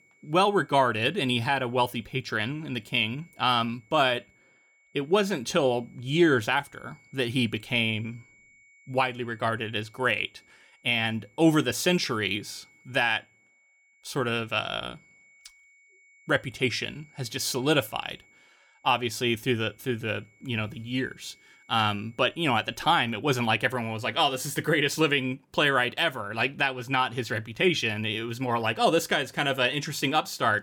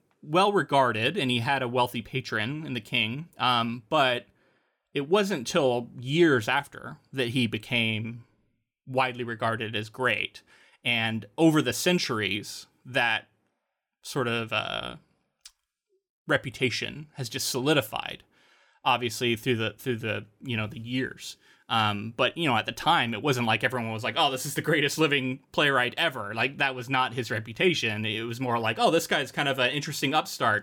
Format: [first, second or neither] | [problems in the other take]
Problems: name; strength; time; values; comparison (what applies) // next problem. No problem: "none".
second | high-pitched whine; faint; until 23 s; 2 kHz, 30 dB below the speech